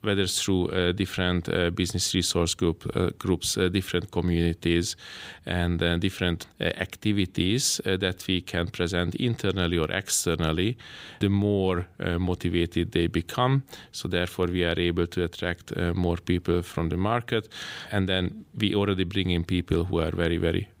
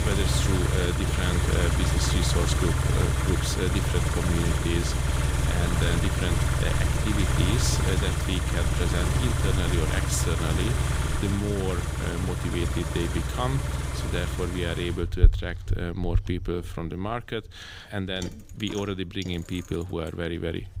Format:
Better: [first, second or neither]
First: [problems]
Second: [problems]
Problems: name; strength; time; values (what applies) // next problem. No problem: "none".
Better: first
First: none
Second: traffic noise; very loud; throughout; 5 dB above the speech